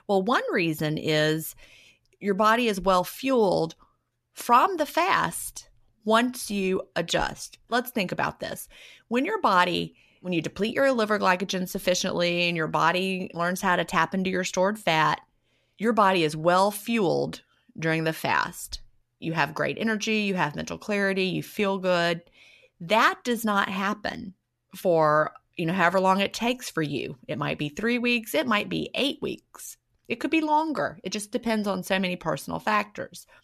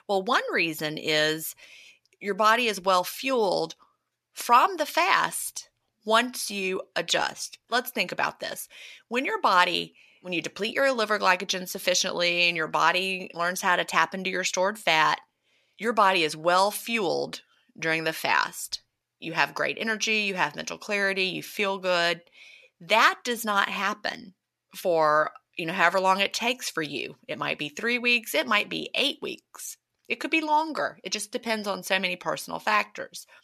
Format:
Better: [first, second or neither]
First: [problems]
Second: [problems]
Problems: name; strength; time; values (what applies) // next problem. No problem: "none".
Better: first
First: none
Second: thin; very slightly; fading below 550 Hz